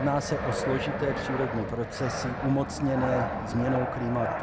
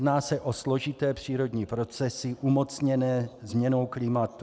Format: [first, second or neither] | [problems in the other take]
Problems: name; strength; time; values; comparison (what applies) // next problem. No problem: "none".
second | background sound (Fixed-wing aircraft, airplane); 3 dB below the speech